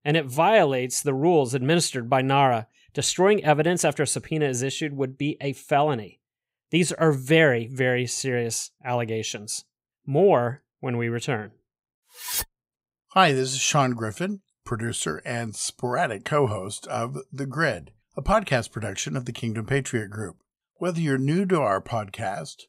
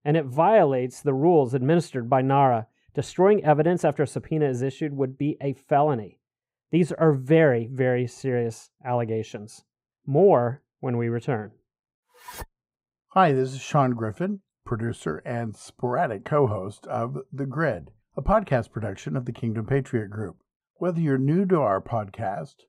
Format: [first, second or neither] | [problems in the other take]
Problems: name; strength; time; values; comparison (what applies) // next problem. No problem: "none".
first | muffled; very; fading above 2 kHz